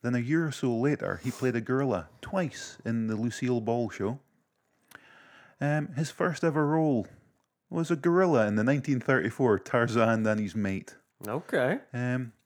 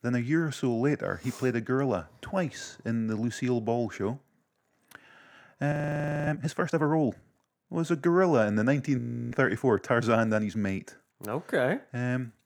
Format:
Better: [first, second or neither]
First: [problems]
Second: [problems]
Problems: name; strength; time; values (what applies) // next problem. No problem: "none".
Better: first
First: none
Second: audio freezing; at 5.5 s for 0.5 s and at 9 s